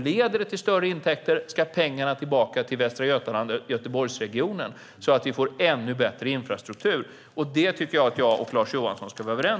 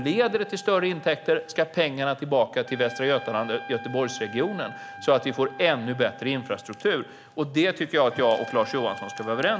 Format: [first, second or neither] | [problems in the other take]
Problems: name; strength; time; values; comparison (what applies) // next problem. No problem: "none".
first | background sound (Trumpet); 16 dB below the speech